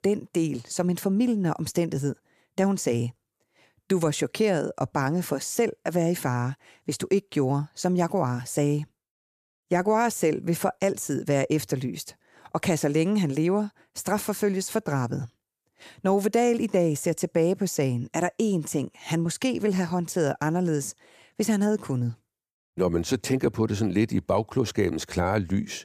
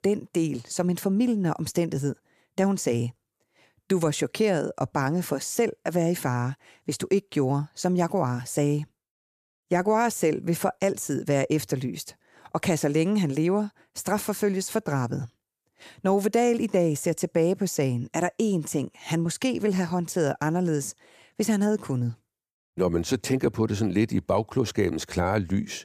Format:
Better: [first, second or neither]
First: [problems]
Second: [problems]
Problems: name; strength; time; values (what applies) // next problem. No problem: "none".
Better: neither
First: none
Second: none